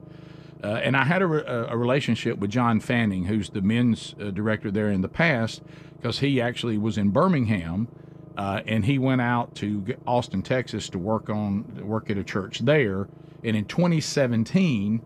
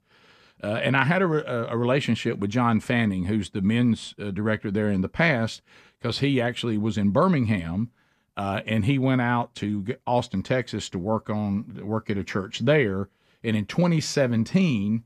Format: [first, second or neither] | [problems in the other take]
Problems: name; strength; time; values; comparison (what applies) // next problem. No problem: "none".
second | low rumble; faint; throughout; 25 dB below the speech